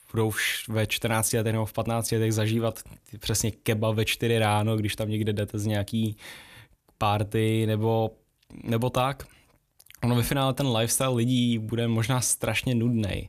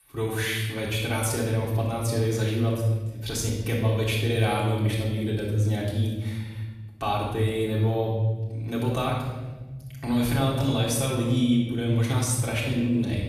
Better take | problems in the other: first | off-mic speech; far // room echo; noticeable; dies away in 1.8 s

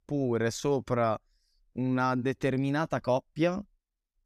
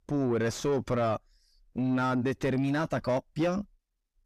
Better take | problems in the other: first | distortion; slight; 9 dB below the speech

